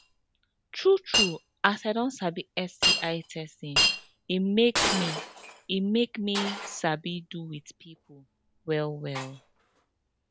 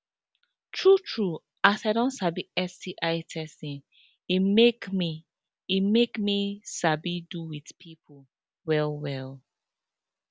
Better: second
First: background sound (Shatter); 3 dB below the speech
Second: none

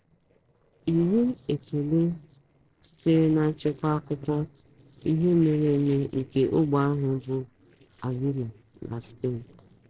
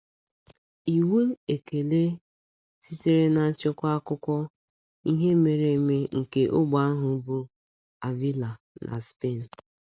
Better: second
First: noise reduction (neural separator model SepFormer DNS4)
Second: none

